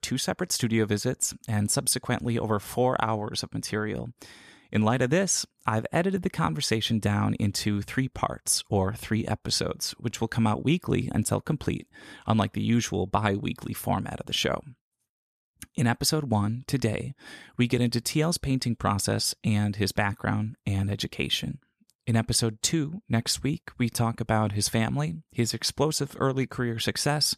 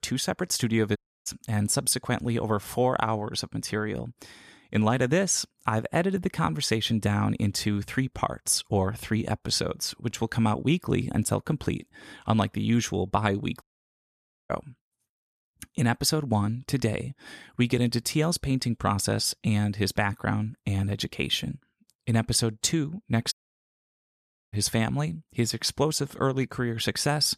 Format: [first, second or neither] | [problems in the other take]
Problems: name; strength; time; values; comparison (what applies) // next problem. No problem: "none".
first | audio cutting out; at 1 s, at 14 s for 1 s and at 23 s for 1 s